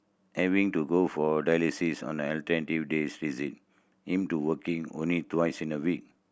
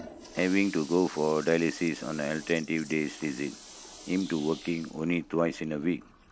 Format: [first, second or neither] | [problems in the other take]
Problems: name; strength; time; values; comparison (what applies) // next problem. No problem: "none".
first | background sound (Toilet flush); 18 dB below the speech